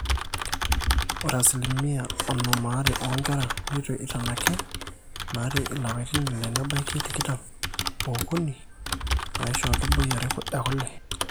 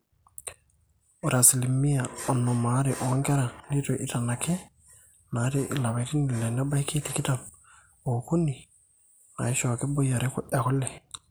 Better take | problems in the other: second | background sound (Typing); as loud as the speech

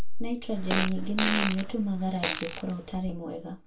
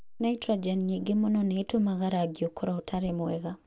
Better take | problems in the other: second | background sound (Fart); 6 dB below the speech // room echo; dies away in 0.2 s

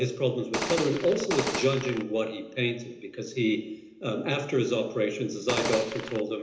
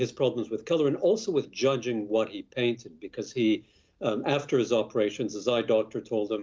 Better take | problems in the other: second | background sound (Gunshot, gunfire); 4 dB below the speech // room echo; dies away in 1 s

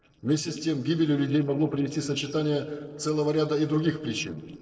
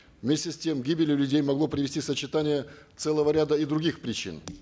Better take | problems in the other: second | noise reduction (neural separator model SepFormer DNS4)

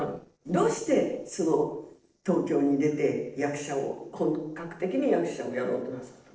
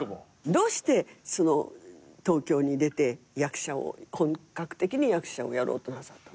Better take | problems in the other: second | noise reduction (neural separator model SepFormer DNS4)

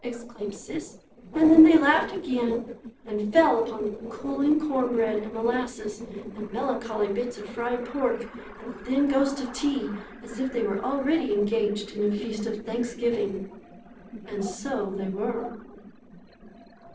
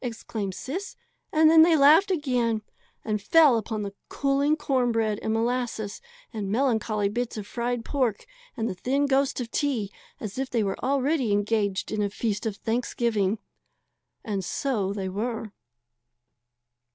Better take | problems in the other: second | noise reduction (neural separator model SepFormer DNS4)

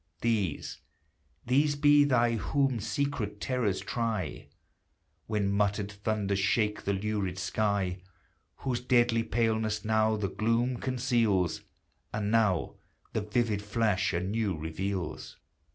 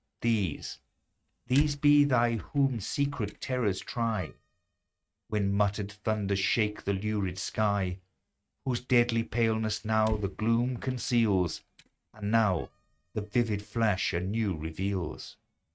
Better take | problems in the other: first | noise reduction (neural mask model RNNoise)

